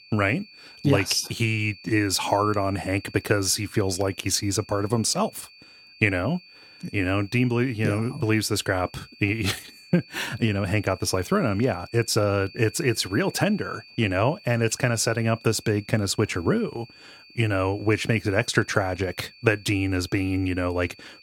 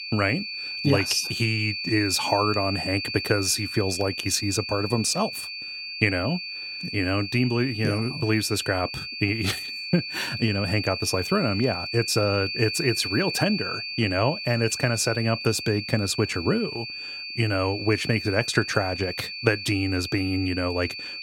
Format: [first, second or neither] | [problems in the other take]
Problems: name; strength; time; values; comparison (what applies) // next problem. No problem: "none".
first | high-pitched whine; loud; throughout; 4.5 kHz, 6 dB below the speech; faint in the first